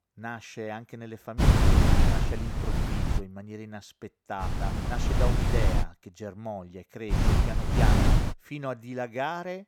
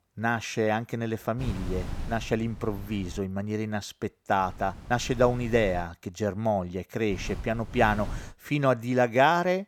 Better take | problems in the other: second | wind noise on the microphone; heavy; from 1.5 to 3 s, from 4.5 to 6 s and from 7 to 8.5 s; 4 dB above the speech; occasional gusts in the second

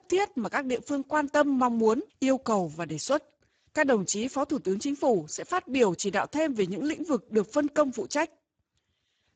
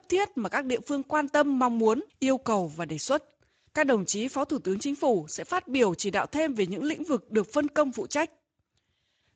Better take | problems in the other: second | garbled, watery; badly; nothing above 7.5 kHz; slightly in the second

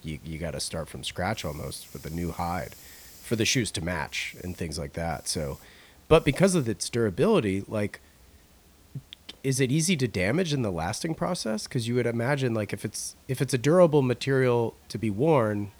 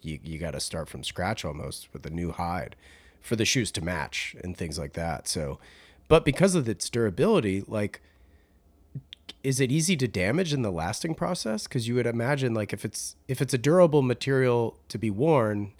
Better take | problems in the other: second | hiss; faint; throughout; 25 dB below the speech

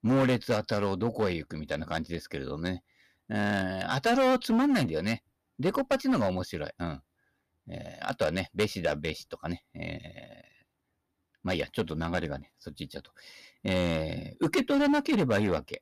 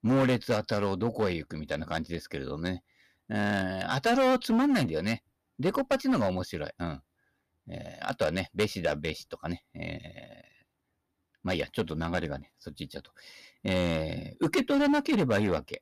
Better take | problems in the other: neither | distortion; heavy; 6% of the sound clipped; the same in both

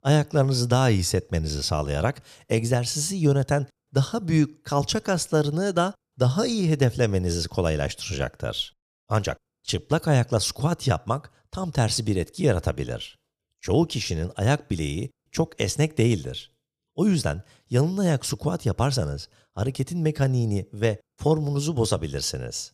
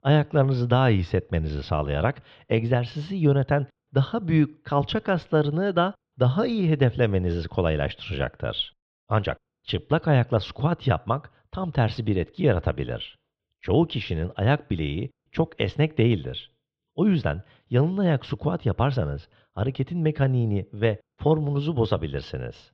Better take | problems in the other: first | muffled; very; fading above 3.5 kHz

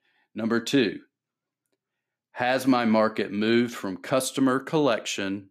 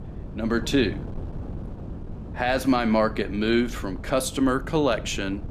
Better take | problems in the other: first | wind noise on the microphone; occasional gusts; 20 dB below the speech

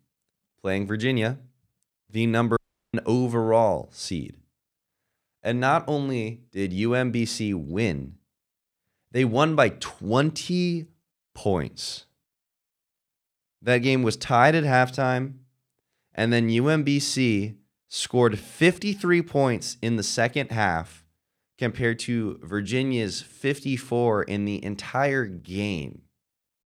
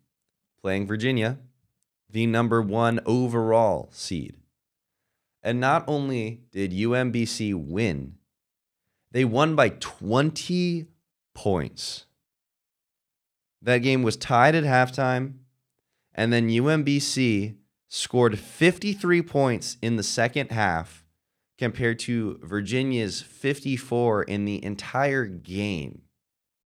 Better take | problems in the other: second | audio cutting out; at 2.5 s

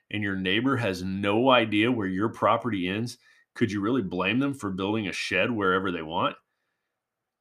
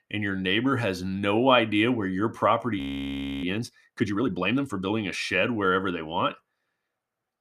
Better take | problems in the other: first | audio freezing; at 3 s for 0.5 s

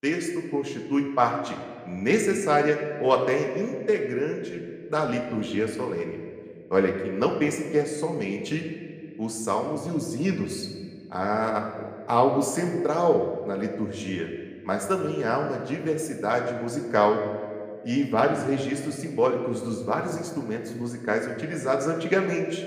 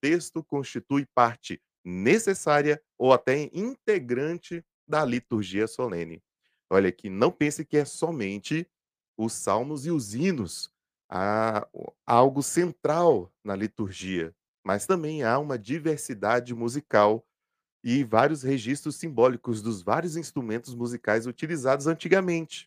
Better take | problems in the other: second | room echo; slight; dies away in 1.5 s

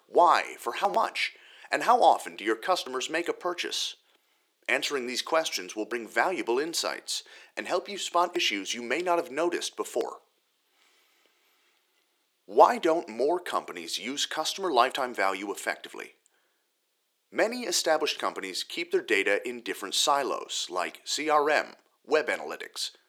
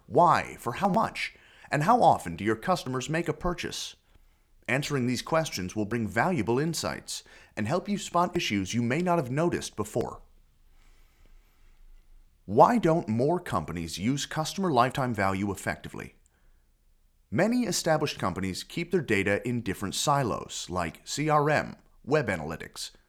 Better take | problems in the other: second | thin; somewhat; fading below 350 Hz

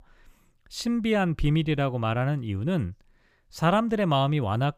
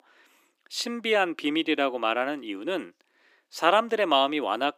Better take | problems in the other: first | thin; somewhat; fading below 300 Hz

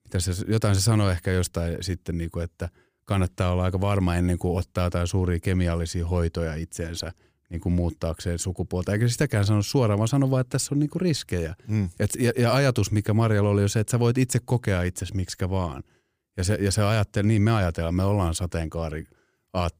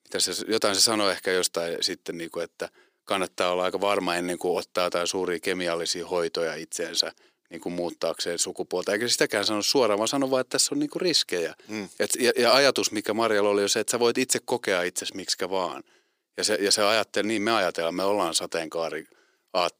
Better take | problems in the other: first | thin; very; fading below 350 Hz

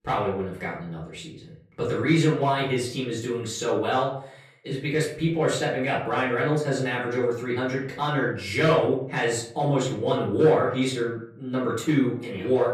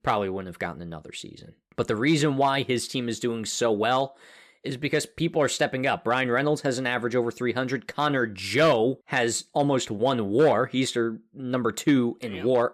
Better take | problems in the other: second | off-mic speech; far // room echo; noticeable; dies away in 0.5 s

